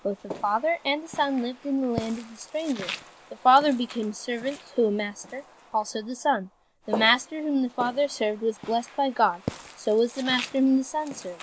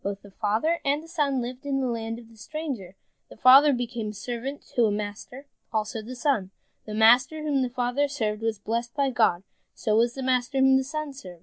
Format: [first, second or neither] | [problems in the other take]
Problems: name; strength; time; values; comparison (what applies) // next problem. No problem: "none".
second | background sound (Walk, footsteps); 14 dB below the speech